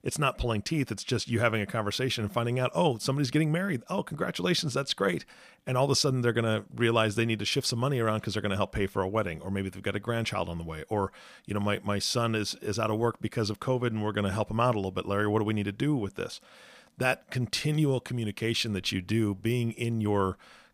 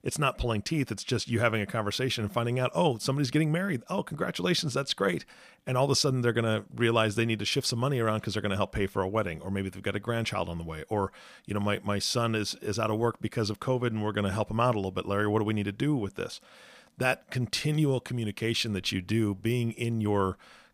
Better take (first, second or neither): neither